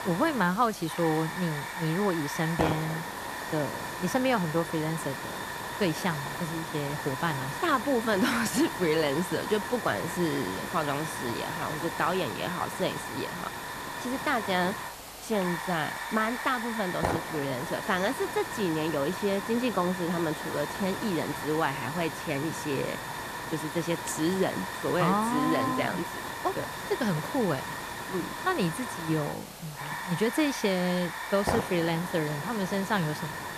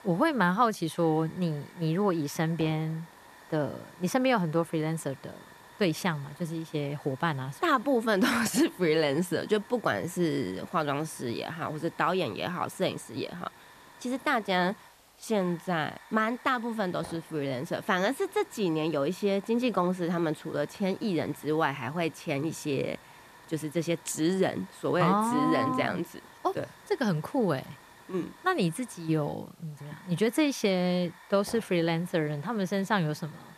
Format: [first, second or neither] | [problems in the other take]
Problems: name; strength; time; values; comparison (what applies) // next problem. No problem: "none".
second | hiss; loud; throughout; 5 dB below the speech; faint in the second